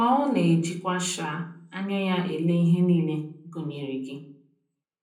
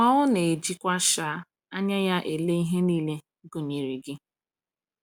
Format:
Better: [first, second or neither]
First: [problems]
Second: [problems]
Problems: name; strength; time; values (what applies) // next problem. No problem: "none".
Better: second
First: room echo; dies away in 0.6 s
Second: none